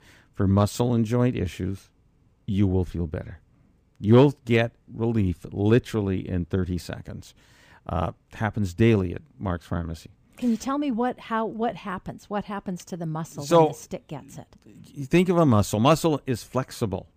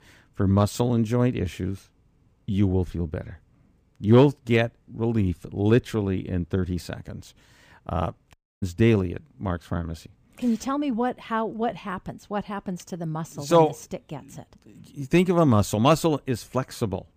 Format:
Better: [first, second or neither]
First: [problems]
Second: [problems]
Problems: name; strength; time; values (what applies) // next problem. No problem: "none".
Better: first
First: none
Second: audio cutting out; at 8.5 s